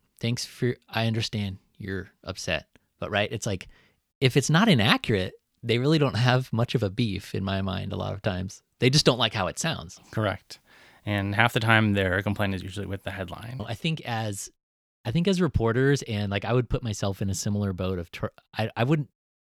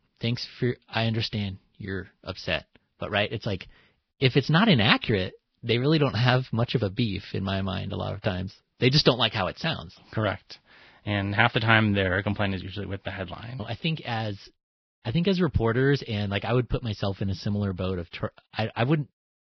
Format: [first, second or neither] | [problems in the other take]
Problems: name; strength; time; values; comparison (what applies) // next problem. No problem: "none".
first | garbled, watery; badly; nothing above 5 kHz